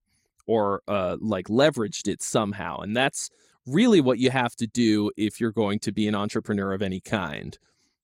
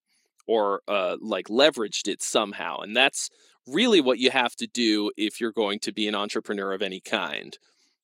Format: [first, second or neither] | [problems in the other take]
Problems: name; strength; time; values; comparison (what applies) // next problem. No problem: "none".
first | thin; very slightly; fading below 300 Hz